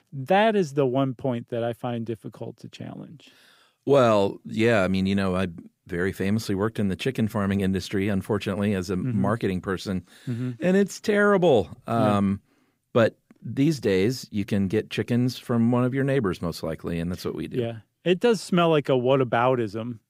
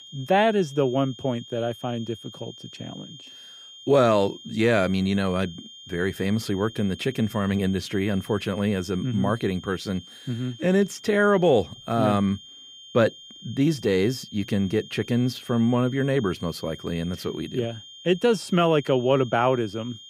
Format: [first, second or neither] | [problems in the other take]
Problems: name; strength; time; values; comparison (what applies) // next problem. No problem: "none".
first | high-pitched whine; noticeable; throughout; 3 kHz, 20 dB below the speech